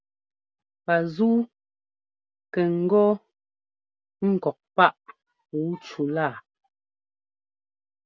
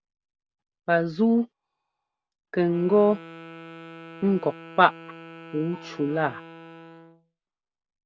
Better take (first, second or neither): first